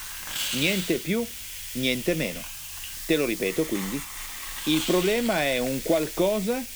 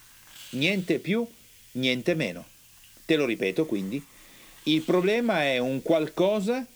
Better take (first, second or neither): second